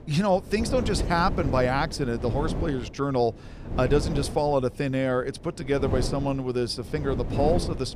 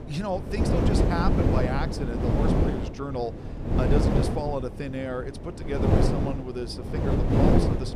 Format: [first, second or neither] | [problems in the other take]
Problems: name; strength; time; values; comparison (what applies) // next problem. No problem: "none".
first | wind noise on the microphone; heavy; 3 dB above the speech; occasional gusts in the first